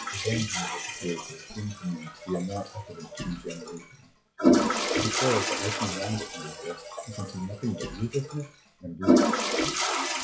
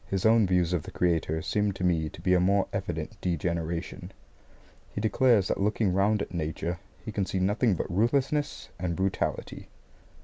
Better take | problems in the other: second | noise reduction (classical method WPE with log-MMSE)

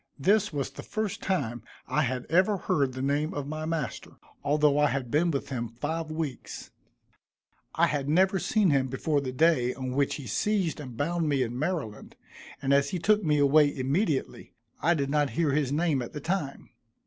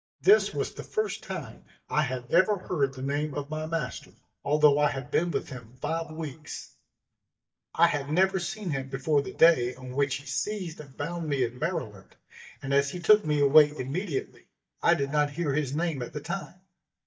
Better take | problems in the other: first | noise reduction (neural mask model DeepFilterNet 3)

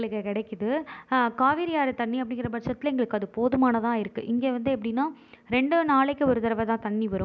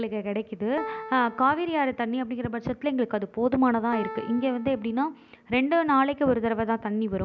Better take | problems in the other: first | background sound (Piano); 15 dB below the speech

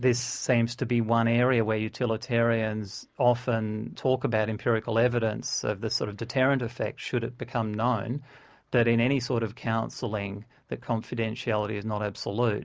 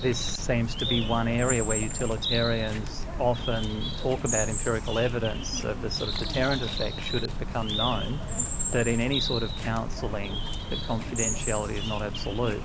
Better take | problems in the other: first | background sound (Bird); 1 dB below the speech

